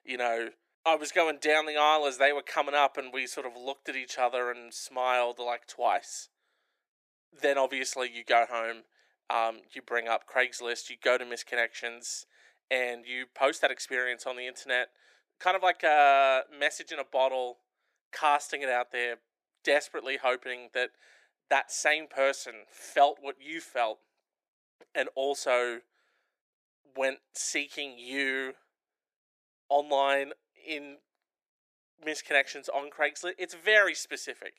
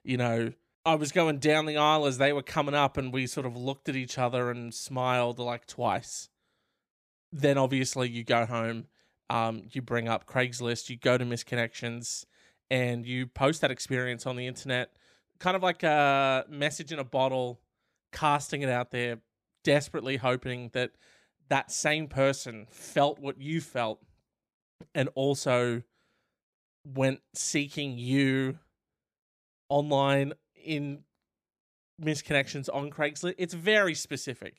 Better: second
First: thin; very; fading below 400 Hz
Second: none

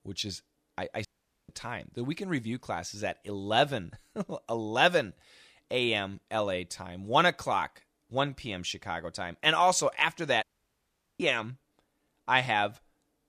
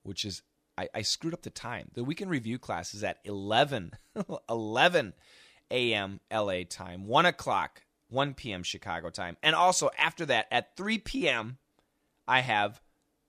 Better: second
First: audio cutting out; at 1 s and at 10 s for 1 s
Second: none

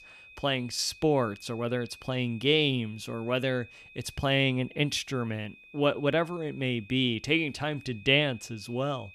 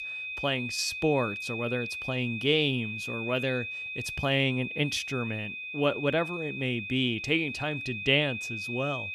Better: first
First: high-pitched whine; faint; throughout; 2.5 kHz, 20 dB below the speech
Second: high-pitched whine; loud; throughout; 2.5 kHz, 5 dB below the speech

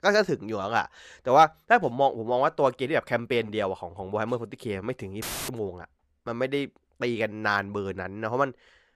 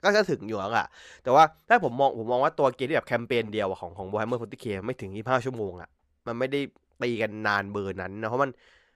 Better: second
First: audio cutting out; filled with static; at 5 s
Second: none

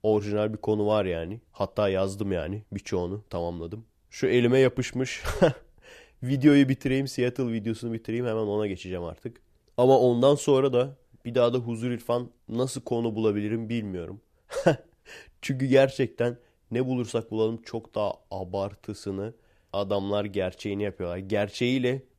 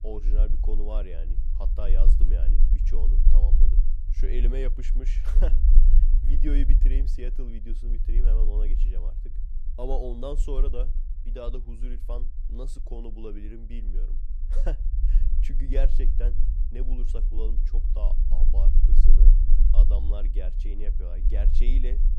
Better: first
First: none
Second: low rumble; loud; throughout; 8 dB below the speech

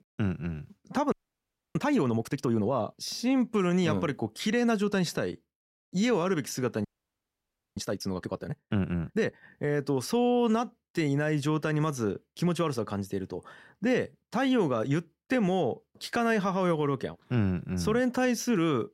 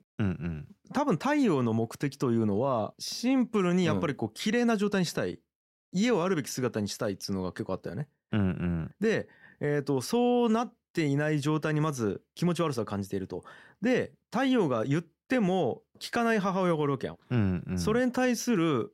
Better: second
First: audio freezing; at 1 s for 0.5 s and at 7 s for 1 s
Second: none

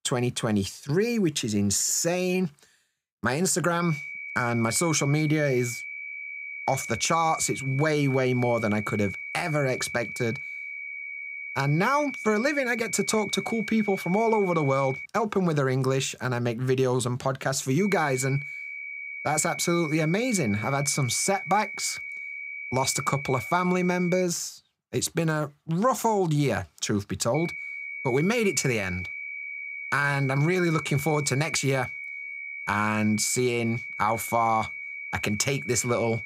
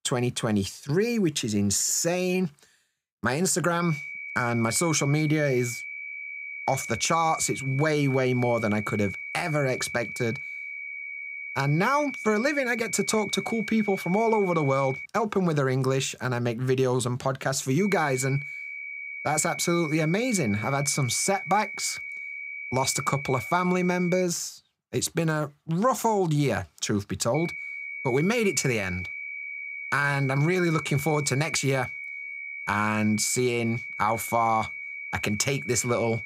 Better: neither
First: high-pitched whine; loud; from 4 to 15 s, from 18 to 24 s and from 27 s on; 2.5 kHz, 8 dB below the speech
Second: high-pitched whine; loud; from 4 to 15 s, from 18 to 24 s and from 27 s on; 2.5 kHz, 8 dB below the speech

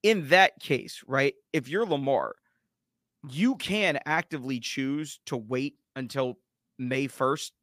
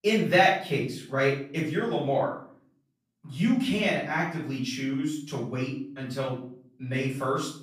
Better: first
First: none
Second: off-mic speech; far // room echo; noticeable; dies away in 0.5 s

